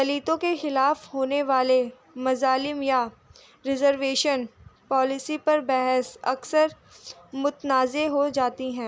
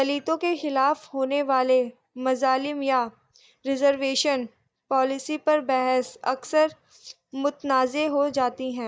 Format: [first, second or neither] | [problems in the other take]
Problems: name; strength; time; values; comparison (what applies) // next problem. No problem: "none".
first | noise reduction (neural mask model DeepFilterNet 3)